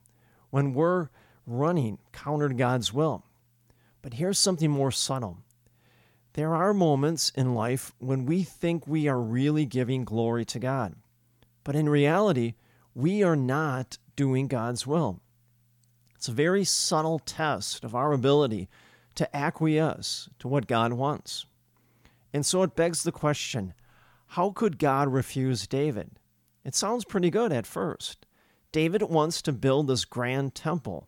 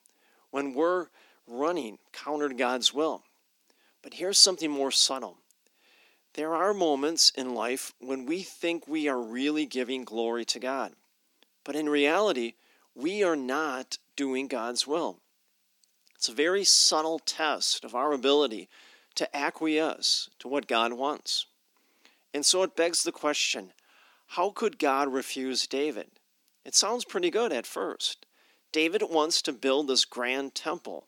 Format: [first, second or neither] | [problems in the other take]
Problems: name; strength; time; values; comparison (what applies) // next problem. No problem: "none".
first | thin; somewhat; fading below 250 Hz